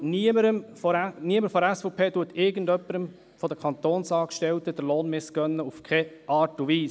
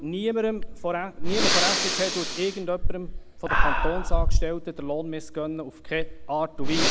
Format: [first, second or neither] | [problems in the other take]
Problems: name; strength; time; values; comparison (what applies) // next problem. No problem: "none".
first | background sound (Breathing); 5 dB above the speech